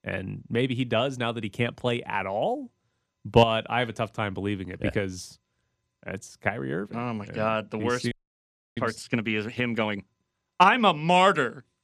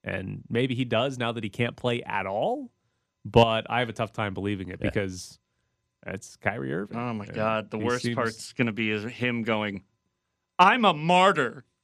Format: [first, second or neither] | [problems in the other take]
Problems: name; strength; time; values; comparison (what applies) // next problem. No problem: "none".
second | audio freezing; at 8 s for 0.5 s